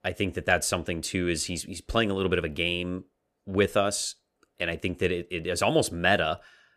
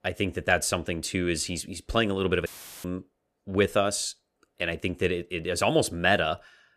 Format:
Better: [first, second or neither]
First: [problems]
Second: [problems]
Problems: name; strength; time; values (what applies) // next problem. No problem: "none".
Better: first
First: none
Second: audio cutting out; filled with static; at 2.5 s